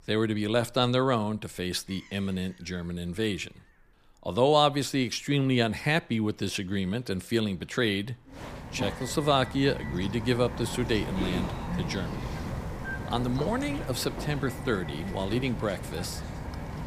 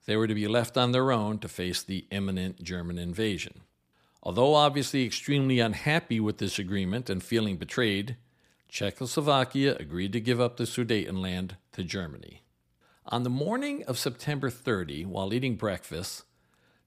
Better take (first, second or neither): second